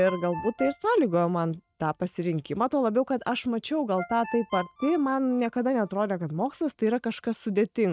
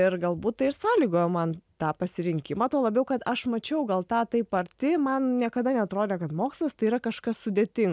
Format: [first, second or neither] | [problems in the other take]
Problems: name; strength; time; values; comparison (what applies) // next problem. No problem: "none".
second | noise reduction (neural mask model RNNoise)